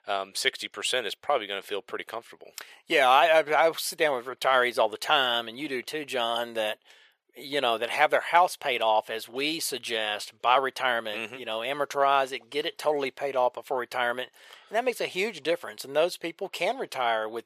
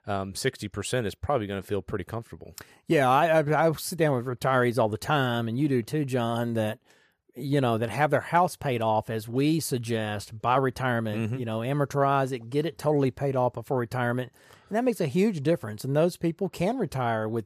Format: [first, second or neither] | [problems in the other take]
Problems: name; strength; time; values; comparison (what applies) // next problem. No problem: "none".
second | thin; very; fading below 600 Hz